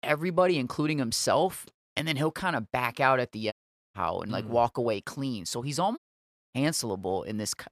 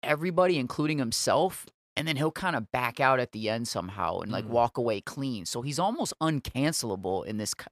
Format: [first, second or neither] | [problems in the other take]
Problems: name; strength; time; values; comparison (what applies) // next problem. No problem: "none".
second | audio cutting out; at 3.5 s and at 6 s for 0.5 s